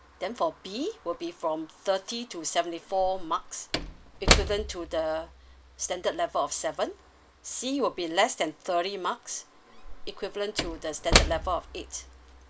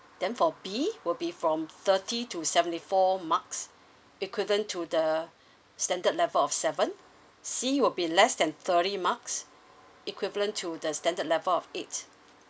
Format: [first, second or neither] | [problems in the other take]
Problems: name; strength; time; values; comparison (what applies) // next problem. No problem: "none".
second | background sound (Slam / Wood); 2 dB below the speech